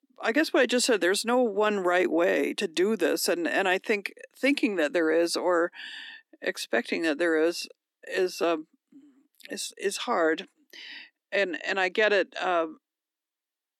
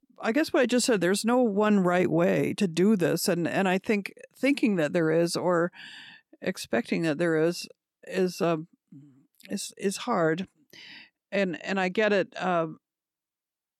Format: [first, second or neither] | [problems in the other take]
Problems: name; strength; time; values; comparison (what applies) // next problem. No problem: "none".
second | thin; very slightly; fading below 250 Hz